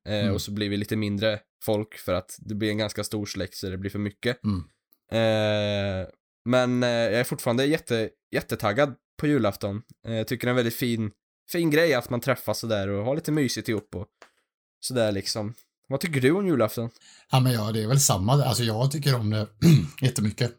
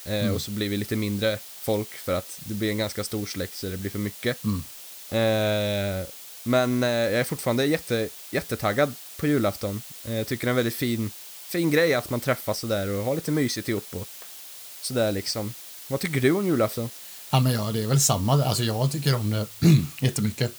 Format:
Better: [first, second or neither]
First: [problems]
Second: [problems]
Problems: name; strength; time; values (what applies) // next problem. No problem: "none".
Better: first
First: none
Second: hiss; noticeable; throughout; 15 dB below the speech